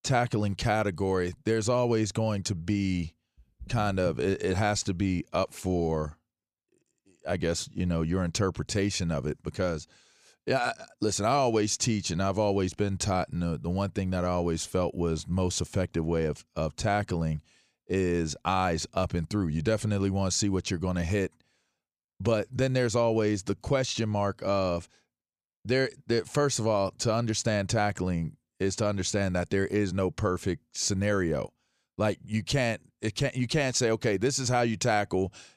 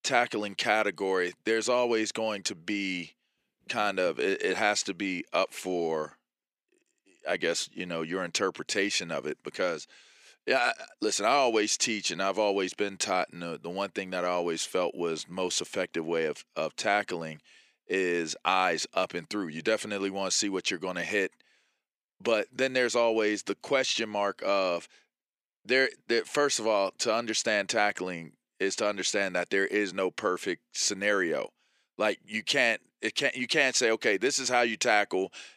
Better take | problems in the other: first | thin; somewhat; fading below 300 Hz

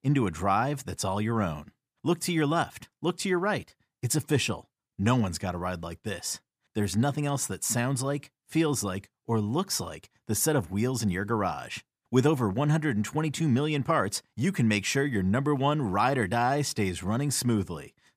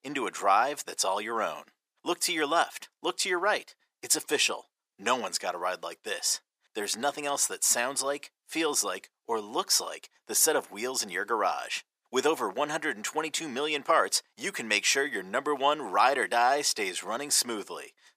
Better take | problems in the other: first | thin; very; fading below 450 Hz

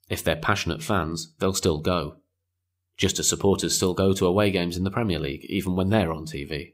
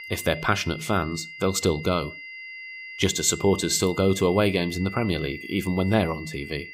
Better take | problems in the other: first | high-pitched whine; noticeable; throughout; 2 kHz, 15 dB below the speech

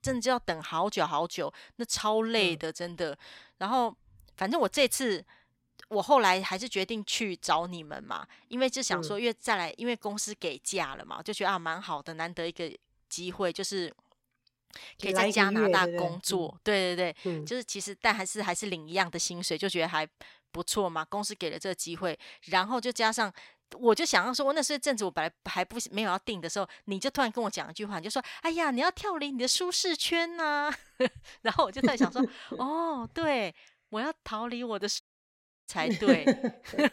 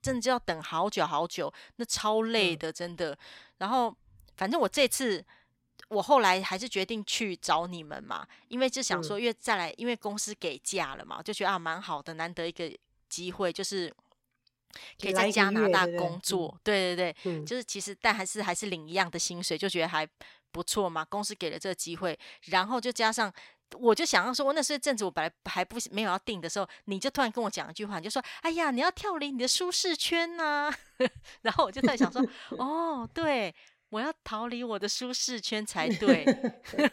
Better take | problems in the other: second | audio cutting out; at 35 s for 0.5 s

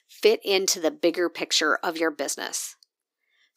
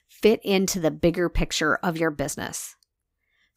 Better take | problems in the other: second | thin; somewhat; fading below 350 Hz

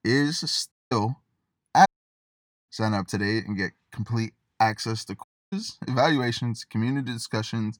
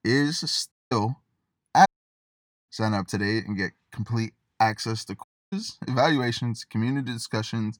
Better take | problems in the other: neither | audio cutting out; at 0.5 s, at 2 s for 1 s and at 5 s; the same in both

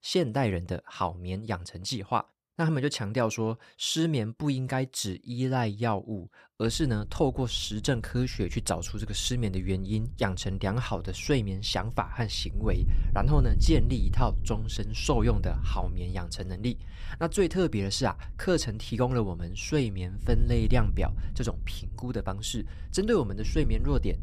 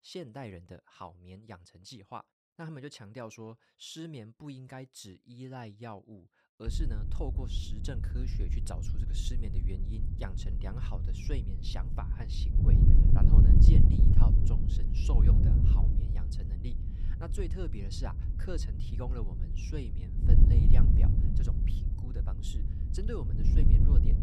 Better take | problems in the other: first | wind noise on the microphone; heavy; from 6.5 s on; 2 dB above the speech; occasional gusts in the first

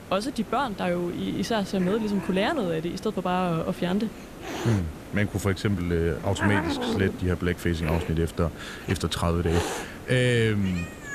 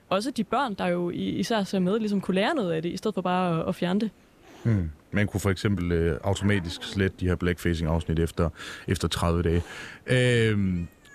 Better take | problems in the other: second | hiss; loud; throughout; 9 dB below the speech; faint in the second

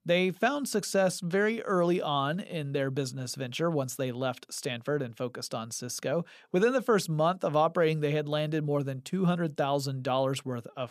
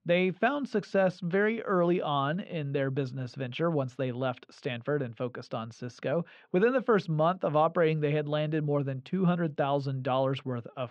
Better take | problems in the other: first | muffled; slightly; fading above 3 kHz

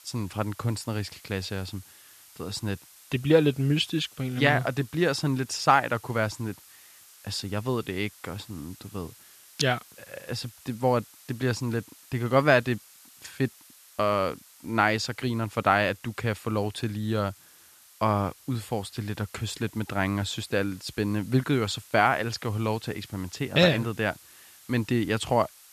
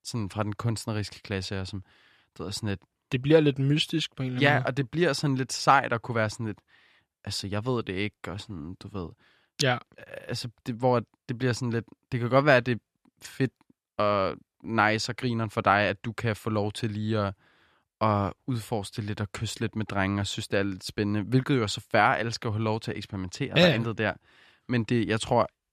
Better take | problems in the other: second | hiss; faint; throughout; 25 dB below the speech

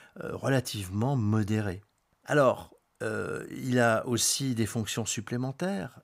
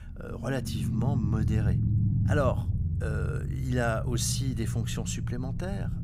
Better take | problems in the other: first | low rumble; loud; throughout; 7 dB below the speech

